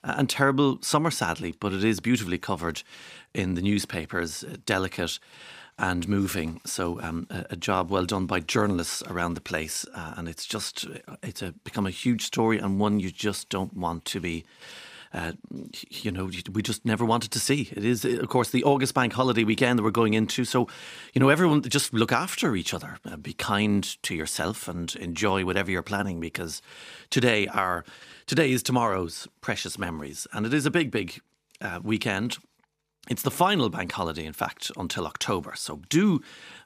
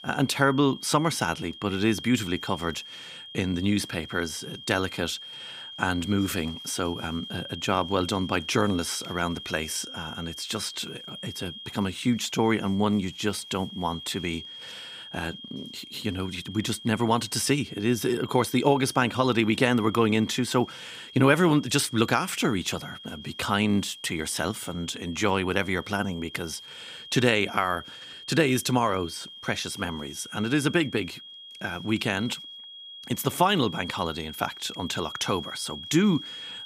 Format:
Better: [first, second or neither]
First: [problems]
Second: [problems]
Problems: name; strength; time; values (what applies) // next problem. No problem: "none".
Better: first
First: none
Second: high-pitched whine; noticeable; throughout; 3 kHz, 15 dB below the speech